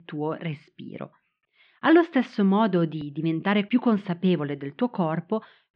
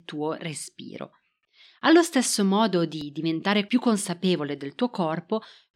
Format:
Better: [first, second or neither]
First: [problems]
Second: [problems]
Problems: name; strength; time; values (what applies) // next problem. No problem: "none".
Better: second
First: muffled; very; fading above 3 kHz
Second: none